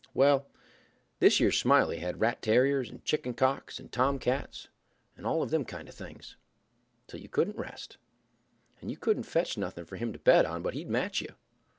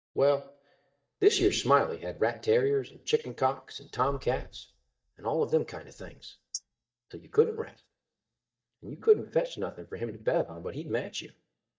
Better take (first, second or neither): first